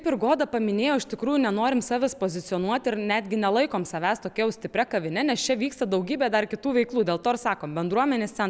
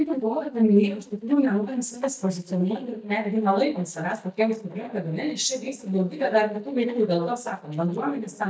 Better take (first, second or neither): first